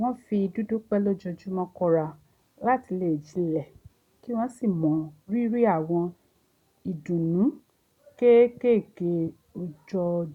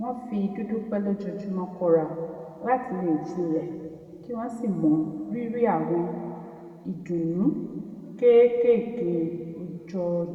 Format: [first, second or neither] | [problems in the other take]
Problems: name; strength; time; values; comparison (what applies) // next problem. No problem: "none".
first | room echo; dies away in 2.3 s